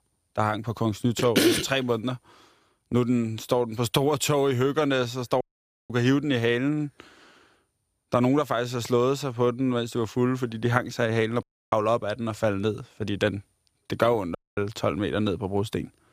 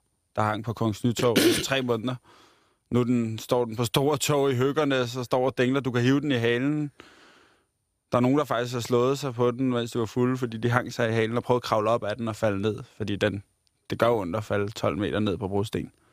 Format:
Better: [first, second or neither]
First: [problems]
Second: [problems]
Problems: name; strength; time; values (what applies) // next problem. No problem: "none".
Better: second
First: audio cutting out; at 5.5 s, at 11 s and at 14 s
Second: none